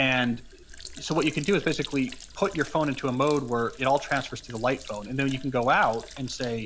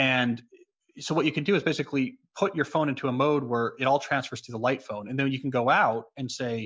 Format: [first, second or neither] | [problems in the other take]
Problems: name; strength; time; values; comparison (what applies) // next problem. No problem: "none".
second | background sound (Sink (filling or washing)); 16 dB below the speech